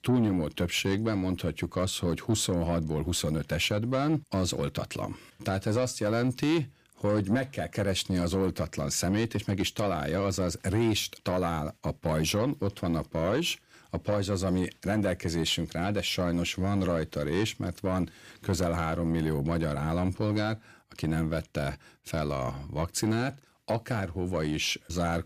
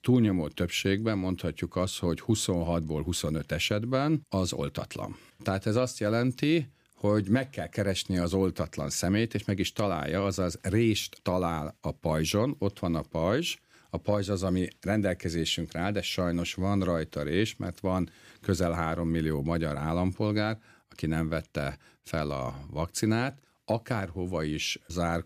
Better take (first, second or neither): second